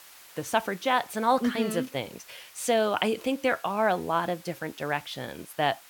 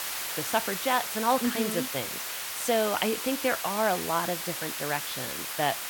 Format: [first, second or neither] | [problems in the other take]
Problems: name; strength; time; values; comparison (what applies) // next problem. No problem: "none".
first | hiss; loud; throughout; 3 dB below the speech; faint in the first